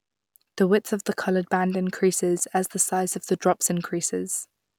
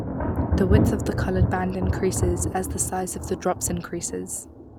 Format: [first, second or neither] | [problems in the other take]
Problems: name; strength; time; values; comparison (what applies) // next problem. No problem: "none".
first | background sound (Thunder); 2 dB above the speech